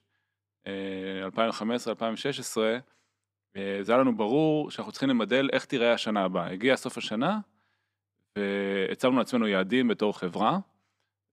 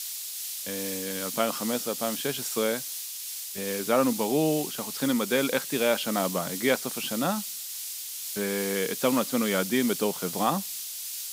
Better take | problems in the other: first | hiss; loud; throughout; 5 dB below the speech

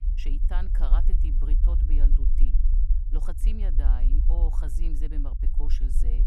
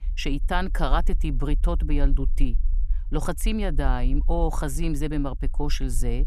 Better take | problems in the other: second | low rumble; loud; throughout; 5 dB below the speech; faint in the second

